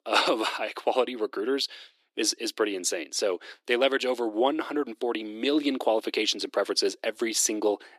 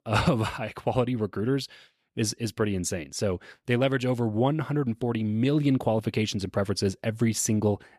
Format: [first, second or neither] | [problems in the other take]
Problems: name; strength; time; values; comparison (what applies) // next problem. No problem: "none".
second | thin; somewhat; fading below 300 Hz